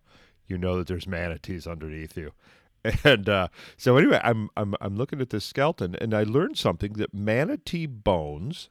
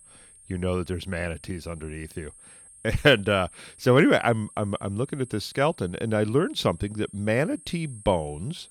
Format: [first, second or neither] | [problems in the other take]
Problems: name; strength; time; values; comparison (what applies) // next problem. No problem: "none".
first | high-pitched whine; faint; throughout; 8.5 kHz, 20 dB below the speech